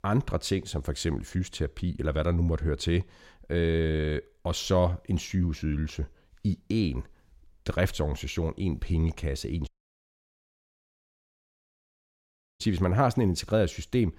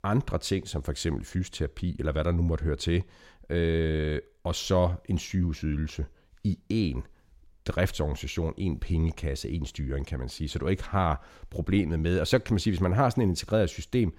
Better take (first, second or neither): second